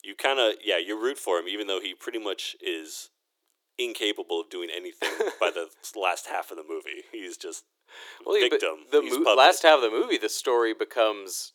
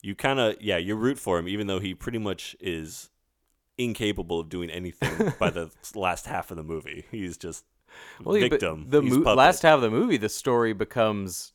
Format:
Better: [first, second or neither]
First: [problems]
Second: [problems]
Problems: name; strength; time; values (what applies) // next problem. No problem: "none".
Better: second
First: thin; very; fading below 350 Hz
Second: none